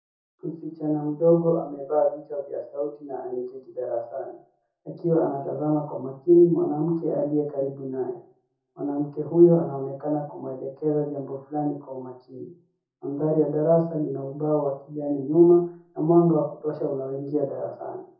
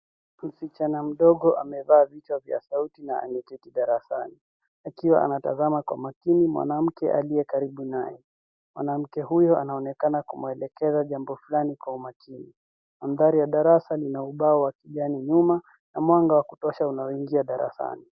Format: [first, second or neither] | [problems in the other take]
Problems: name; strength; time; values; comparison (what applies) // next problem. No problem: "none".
second | room echo; dies away in 0.5 s